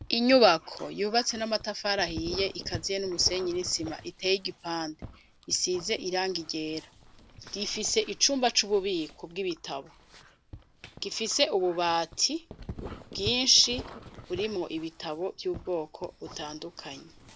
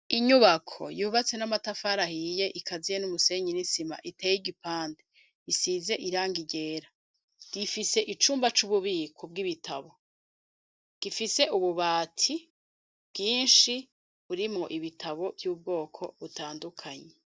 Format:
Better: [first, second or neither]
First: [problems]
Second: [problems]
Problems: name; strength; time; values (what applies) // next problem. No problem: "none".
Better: second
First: background sound (Dog); 16 dB below the speech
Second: none